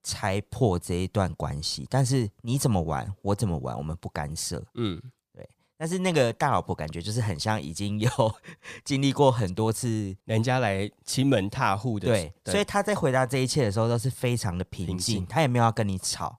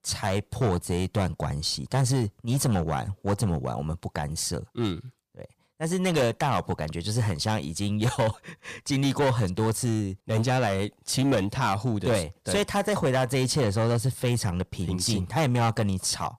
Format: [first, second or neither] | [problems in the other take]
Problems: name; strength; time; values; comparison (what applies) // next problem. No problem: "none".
first | distortion; slight; 8% of the sound clipped